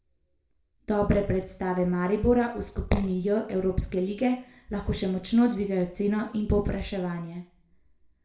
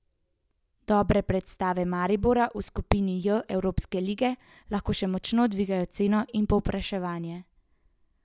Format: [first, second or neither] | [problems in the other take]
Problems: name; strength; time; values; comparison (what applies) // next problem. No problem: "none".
second | room echo; dies away in 0.4 s